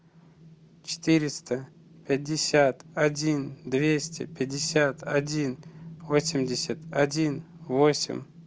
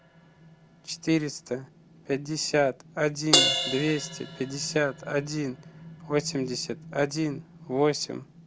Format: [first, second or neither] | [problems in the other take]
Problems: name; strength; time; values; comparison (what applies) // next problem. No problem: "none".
first | background sound (Crash cymbal); 5 dB below the speech